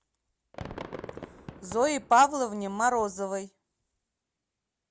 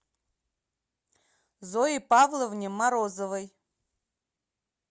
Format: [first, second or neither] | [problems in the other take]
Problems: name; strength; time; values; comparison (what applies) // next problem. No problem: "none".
second | background sound (Fireworks); 17 dB below the speech